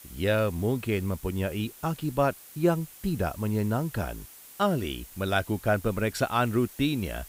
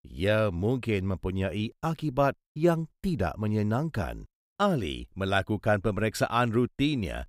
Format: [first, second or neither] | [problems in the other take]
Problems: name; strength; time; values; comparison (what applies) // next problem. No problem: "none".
second | hiss; noticeable; throughout; 20 dB below the speech